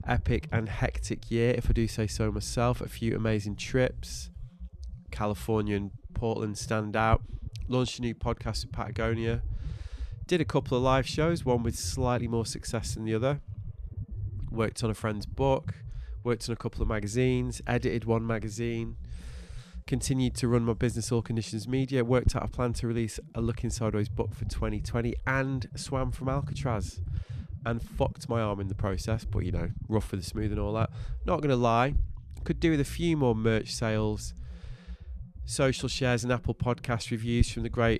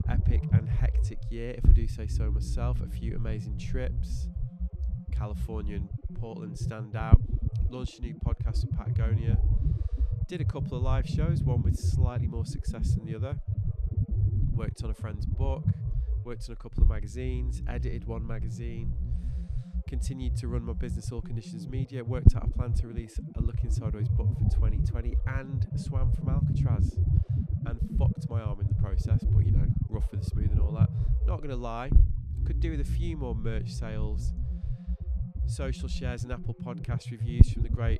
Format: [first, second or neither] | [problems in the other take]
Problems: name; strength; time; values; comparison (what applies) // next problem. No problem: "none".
first | low rumble; loud; throughout; 1 dB below the speech; faint in the first